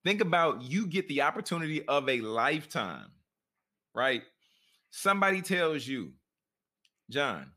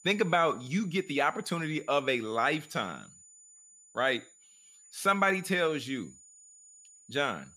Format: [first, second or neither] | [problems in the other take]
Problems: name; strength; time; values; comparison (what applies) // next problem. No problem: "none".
first | high-pitched whine; faint; throughout; 7 kHz, 25 dB below the speech